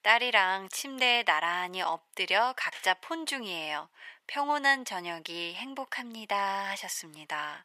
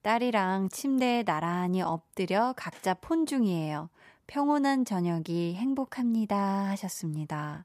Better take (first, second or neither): second